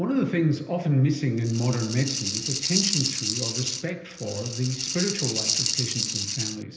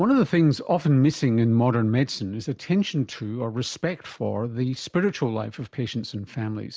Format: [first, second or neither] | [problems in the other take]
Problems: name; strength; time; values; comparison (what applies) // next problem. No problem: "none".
second | background sound (Rattle (instrument)); 2 dB below the speech // room echo; dies away in 0.8 s